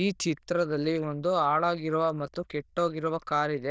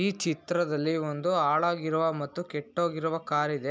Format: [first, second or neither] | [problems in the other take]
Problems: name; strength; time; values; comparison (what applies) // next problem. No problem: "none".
second | noise reduction (neural diffusion model UNIVERSE++)